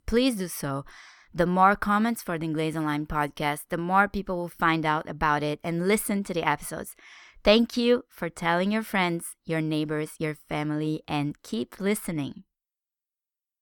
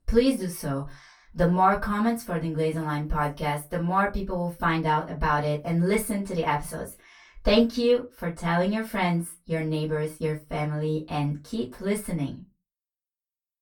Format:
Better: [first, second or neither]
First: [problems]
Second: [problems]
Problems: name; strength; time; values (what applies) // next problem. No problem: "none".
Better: first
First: none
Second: off-mic speech; far // room echo; very slight; dies away in 0.2 s